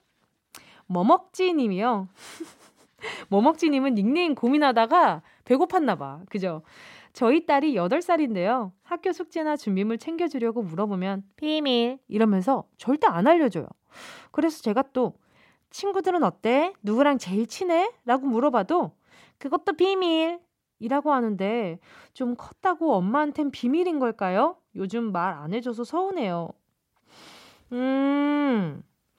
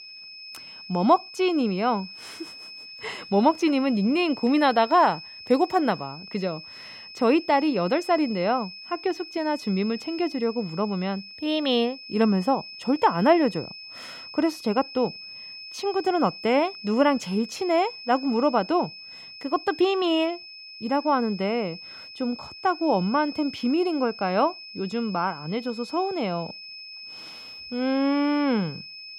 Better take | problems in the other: first | high-pitched whine; noticeable; throughout; 5 kHz, 15 dB below the speech

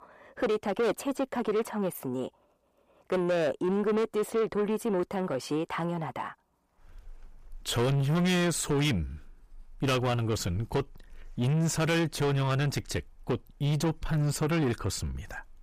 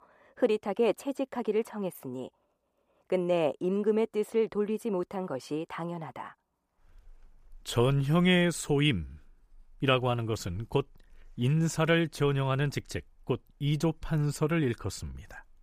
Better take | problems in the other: second | distortion; heavy; 8 dB below the speech

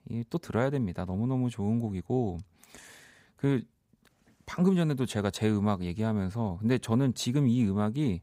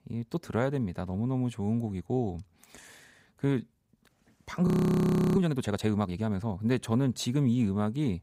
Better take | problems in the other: first | audio freezing; at 4.5 s for 0.5 s

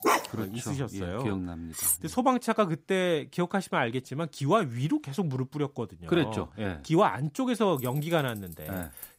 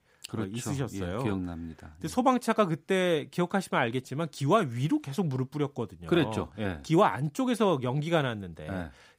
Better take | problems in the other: second | dog barking; loud; at the start; peak 3 dB above the speech // clattering dishes; loud; at 2 s; peak 2 dB above the speech // jangling keys; faint; from 8 s on; peak 15 dB below the speech

